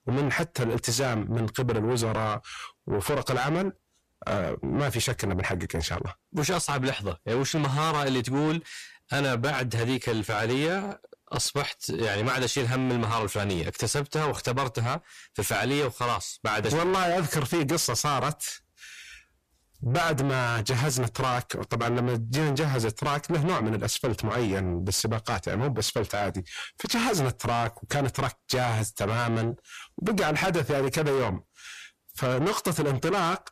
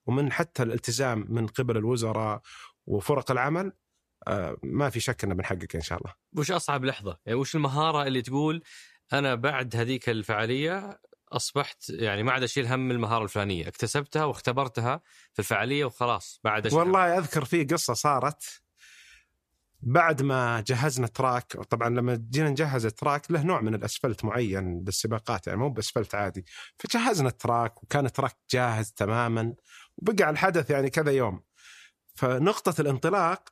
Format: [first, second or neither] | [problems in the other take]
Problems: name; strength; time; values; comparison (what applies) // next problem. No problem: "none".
second | distortion; heavy; 5 dB below the speech